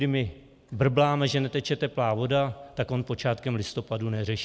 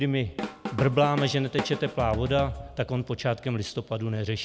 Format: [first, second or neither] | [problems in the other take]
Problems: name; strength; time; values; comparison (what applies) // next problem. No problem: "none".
first | background sound (Drum kit); 9 dB below the speech